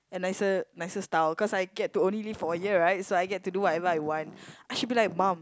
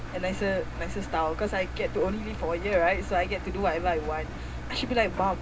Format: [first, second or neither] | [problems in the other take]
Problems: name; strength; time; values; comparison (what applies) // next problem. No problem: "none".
first | background sound (Engine); 7 dB below the speech // room echo; dies away in 0.2 s